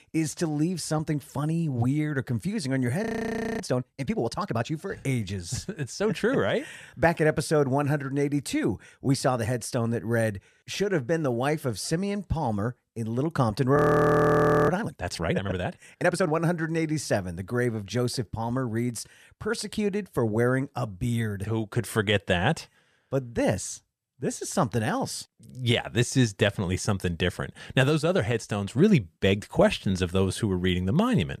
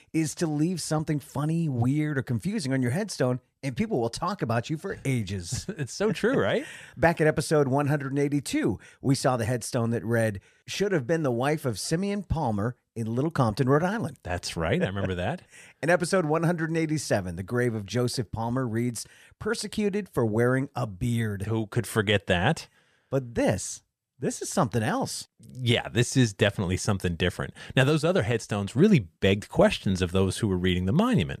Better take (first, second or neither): second